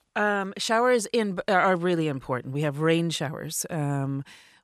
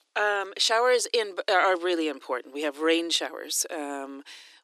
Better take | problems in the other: first | thin; somewhat; fading below 300 Hz

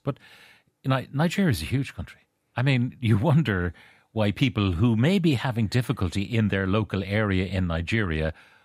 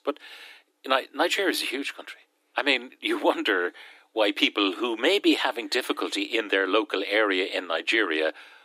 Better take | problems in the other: first | thin; very; fading below 300 Hz

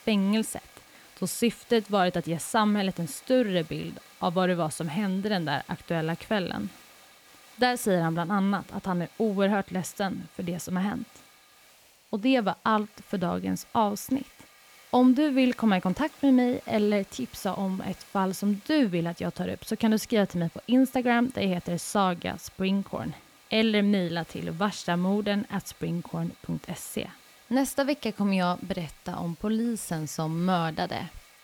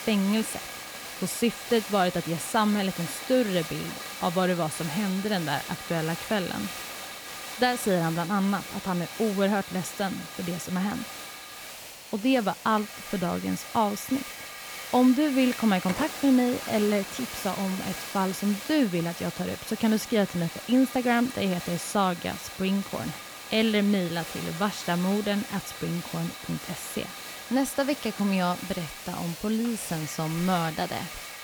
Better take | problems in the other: first | hiss; loud; throughout; 9 dB below the speech; faint in the first

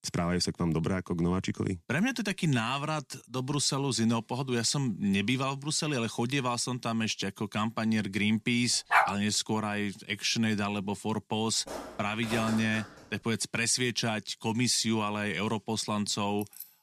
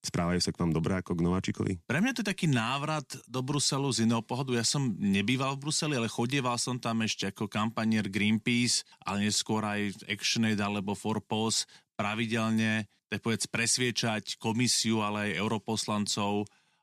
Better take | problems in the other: second | dog barking; loud; at 9 s; peak 4 dB above the speech // footsteps; noticeable; from 12 to 13 s; peak 7 dB below the speech // jangling keys; faint; at 16 s; peak 15 dB below the speech

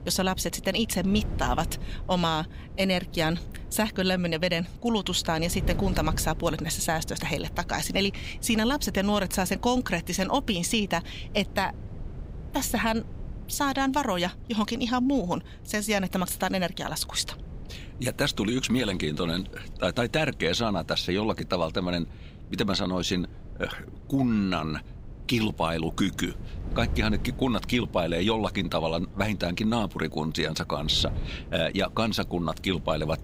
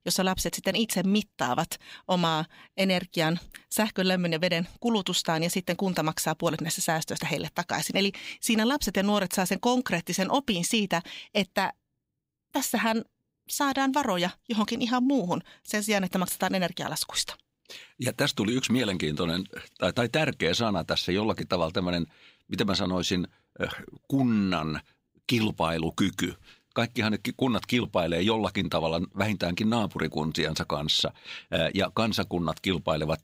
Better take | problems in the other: second | wind noise on the microphone; occasional gusts; 20 dB below the speech

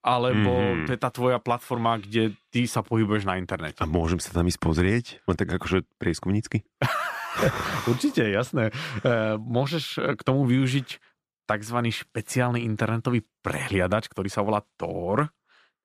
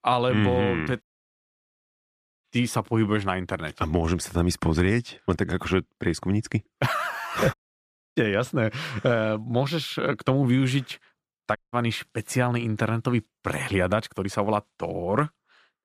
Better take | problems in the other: first | audio cutting out; at 1 s for 1.5 s, at 7.5 s for 0.5 s and at 12 s

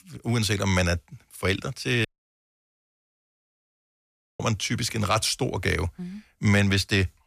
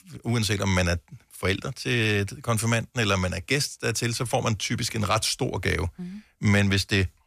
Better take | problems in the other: second | audio cutting out; at 2 s for 2.5 s

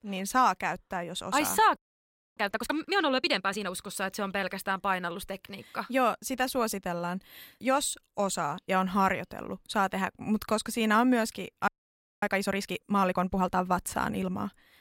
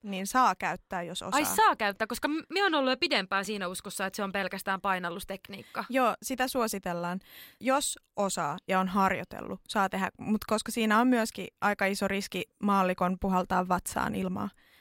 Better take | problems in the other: second | audio freezing; at 2 s for 0.5 s and at 12 s for 0.5 s

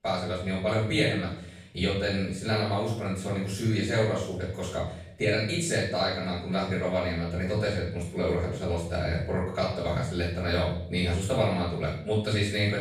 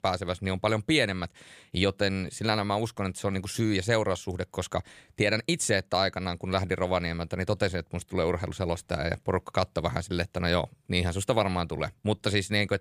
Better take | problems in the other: second | off-mic speech; far // room echo; noticeable; dies away in 0.6 s

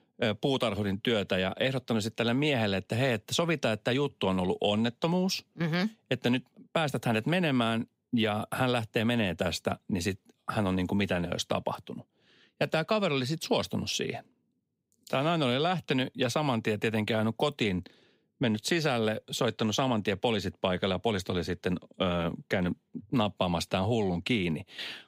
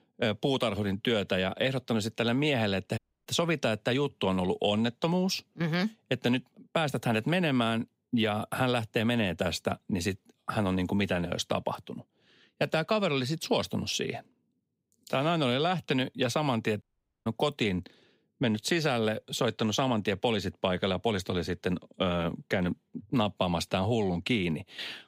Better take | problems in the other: first | audio cutting out; at 3 s and at 17 s

